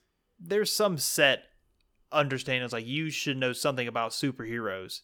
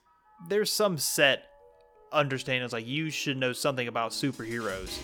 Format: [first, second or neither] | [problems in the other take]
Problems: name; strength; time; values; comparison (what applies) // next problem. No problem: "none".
first | background music; faint; throughout; 25 dB below the speech